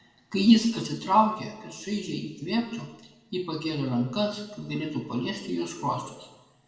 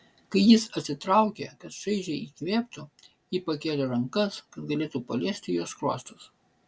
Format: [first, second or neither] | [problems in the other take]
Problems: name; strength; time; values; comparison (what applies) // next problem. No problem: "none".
second | room echo; dies away in 0.9 s